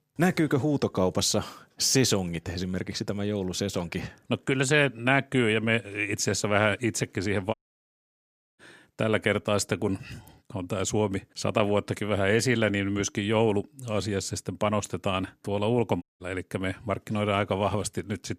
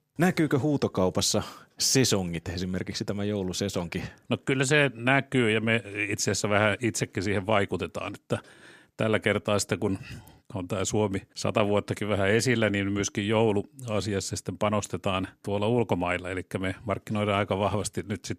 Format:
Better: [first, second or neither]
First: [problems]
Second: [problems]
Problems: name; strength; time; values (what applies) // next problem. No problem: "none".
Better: second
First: audio cutting out; at 7.5 s for 1 s and at 16 s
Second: none